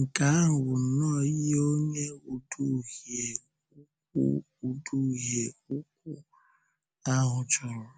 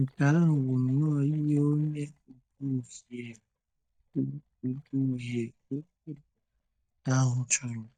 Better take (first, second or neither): first